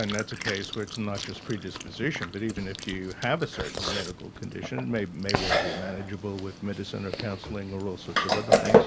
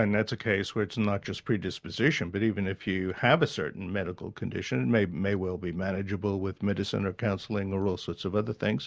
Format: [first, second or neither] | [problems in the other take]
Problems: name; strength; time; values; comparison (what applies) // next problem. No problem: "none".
second | background sound (Chewing, mastication); 3 dB above the speech